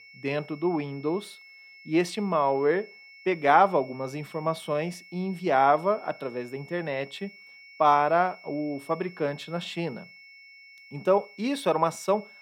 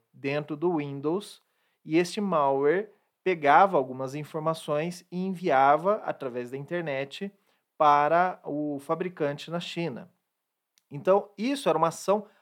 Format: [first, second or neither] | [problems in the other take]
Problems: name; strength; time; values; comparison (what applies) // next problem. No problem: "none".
second | high-pitched whine; faint; throughout; 2 kHz, 20 dB below the speech